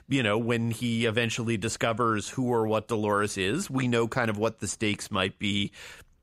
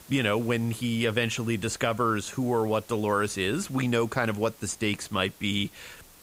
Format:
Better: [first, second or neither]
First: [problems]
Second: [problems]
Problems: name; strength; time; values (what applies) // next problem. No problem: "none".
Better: first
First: none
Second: hiss; faint; throughout; 25 dB below the speech